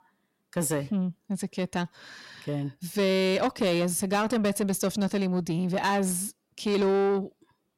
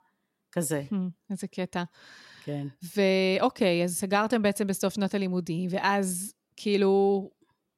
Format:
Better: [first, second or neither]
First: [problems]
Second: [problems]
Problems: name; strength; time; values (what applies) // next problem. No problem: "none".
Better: second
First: distortion; slight; 10 dB below the speech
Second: none